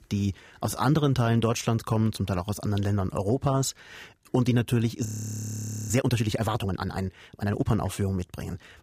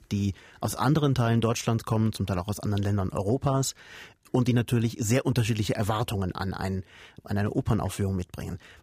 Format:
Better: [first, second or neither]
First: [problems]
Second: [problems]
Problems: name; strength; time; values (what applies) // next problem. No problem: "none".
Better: second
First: audio freezing; at 5 s for 1 s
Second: none